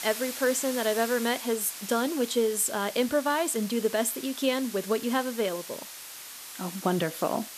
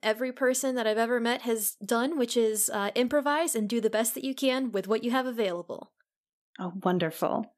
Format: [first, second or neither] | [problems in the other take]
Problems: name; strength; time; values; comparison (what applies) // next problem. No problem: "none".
second | hiss; noticeable; throughout; 10 dB below the speech